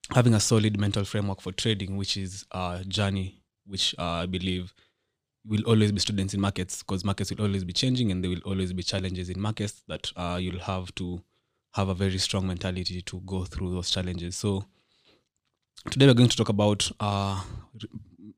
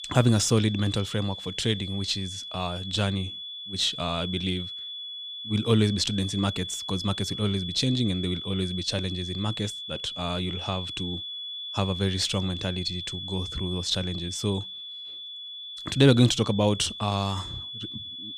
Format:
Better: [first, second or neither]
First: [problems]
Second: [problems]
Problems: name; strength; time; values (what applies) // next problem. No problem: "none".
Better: first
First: none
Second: high-pitched whine; loud; throughout; 3.5 kHz, 7 dB below the speech